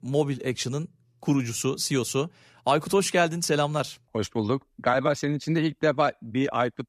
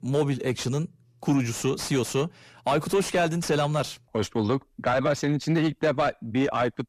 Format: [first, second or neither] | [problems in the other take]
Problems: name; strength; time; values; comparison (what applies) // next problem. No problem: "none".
first | distortion; slight; 10 dB below the speech